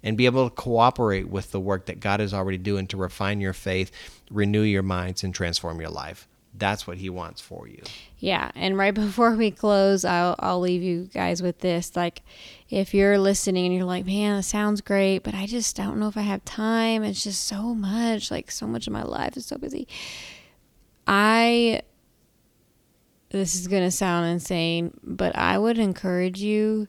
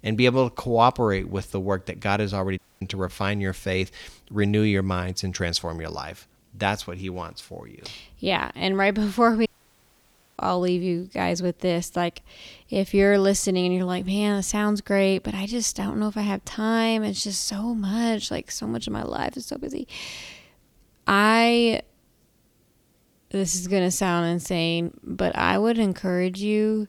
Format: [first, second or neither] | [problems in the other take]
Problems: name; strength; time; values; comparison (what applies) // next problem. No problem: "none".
first | audio cutting out; at 2.5 s and at 9.5 s for 1 s